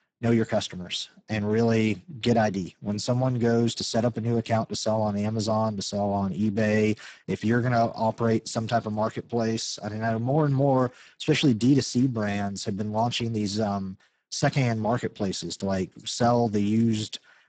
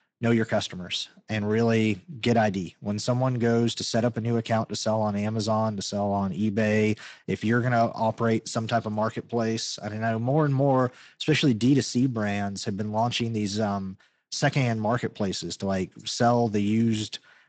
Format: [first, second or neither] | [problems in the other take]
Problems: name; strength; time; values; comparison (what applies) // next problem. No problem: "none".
second | garbled, watery; badly; nothing above 8 kHz; slightly in the second